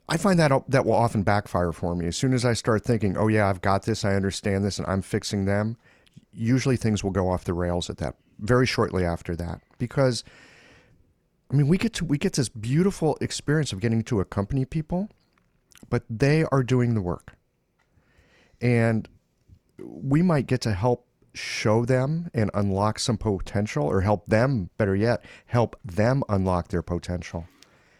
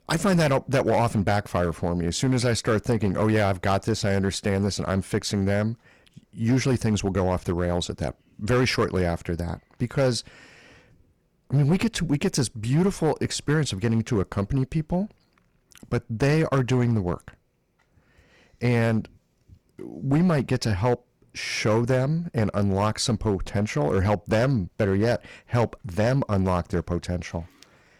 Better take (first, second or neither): first